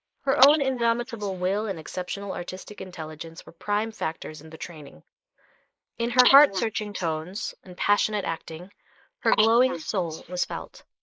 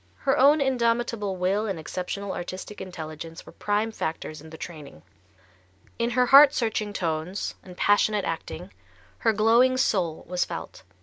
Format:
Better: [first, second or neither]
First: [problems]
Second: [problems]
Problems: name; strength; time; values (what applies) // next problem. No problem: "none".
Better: second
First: noise reduction (neural mask model Resemble Enhance denoiser)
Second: none